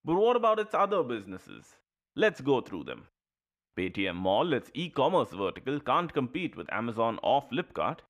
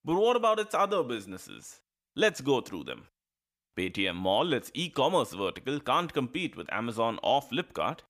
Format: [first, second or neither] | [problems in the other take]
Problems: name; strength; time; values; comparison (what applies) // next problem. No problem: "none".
second | muffled; slightly; fading above 3.5 kHz